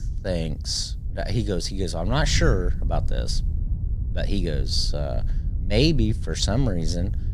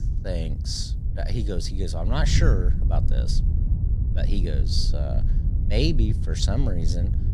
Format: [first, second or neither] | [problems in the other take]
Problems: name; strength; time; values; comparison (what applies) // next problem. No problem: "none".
first | wind noise on the microphone; heavy; 9 dB below the speech; occasional gusts in the first